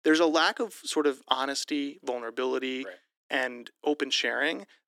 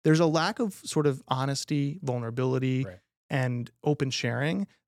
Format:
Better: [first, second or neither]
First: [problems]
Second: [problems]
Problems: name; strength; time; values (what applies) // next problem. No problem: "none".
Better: second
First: thin; somewhat; fading below 300 Hz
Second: none